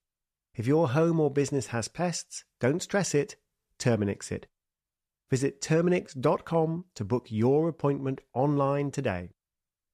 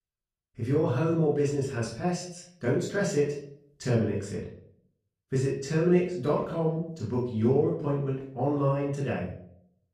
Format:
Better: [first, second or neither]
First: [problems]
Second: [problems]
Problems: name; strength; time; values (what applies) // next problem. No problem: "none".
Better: first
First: none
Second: off-mic speech; far // room echo; noticeable; dies away in 0.5 s